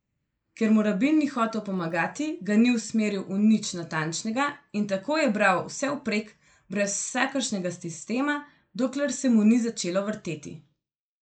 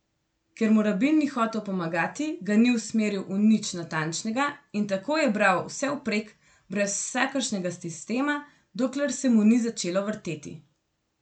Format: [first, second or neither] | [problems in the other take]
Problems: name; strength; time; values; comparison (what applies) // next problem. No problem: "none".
second | noise reduction (neural mask model Resemble Enhance denoiser)